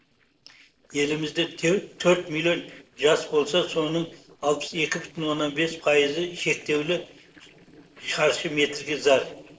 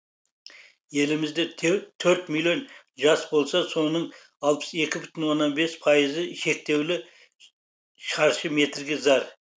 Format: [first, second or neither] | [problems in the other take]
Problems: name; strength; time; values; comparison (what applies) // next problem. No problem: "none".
second | noise reduction (neural separator model SepFormer DNS4)